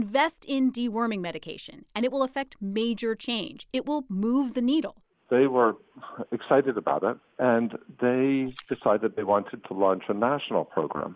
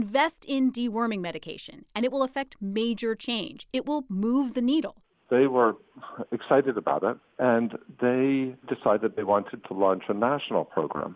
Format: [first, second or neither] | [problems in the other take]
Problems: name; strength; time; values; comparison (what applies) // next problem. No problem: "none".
second | noise reduction (neural mask model Resemble Enhance denoiser)